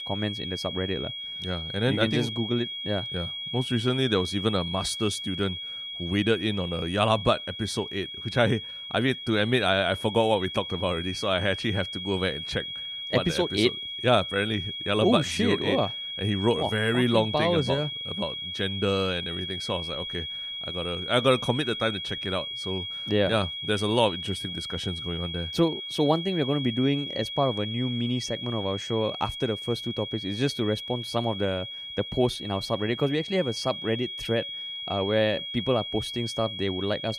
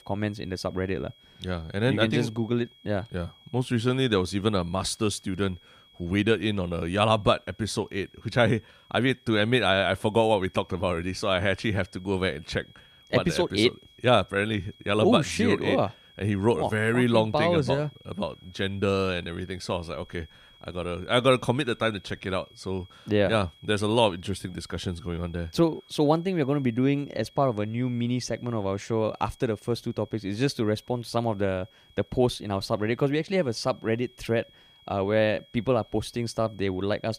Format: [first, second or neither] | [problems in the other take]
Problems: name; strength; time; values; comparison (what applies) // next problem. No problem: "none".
second | high-pitched whine; loud; throughout; 3.5 kHz, 6 dB below the speech; faint in the second